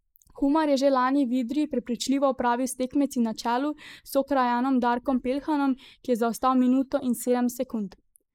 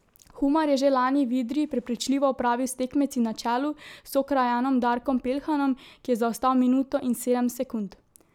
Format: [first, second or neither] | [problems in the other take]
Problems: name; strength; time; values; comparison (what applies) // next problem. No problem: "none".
second | noise reduction (neural mask model Resemble Enhance denoiser)